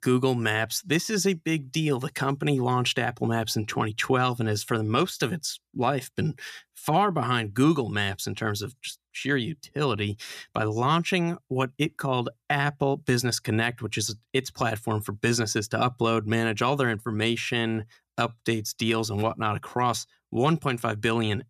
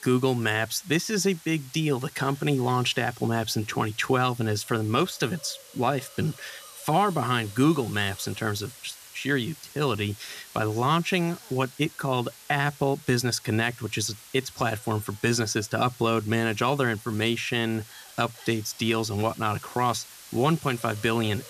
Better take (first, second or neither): first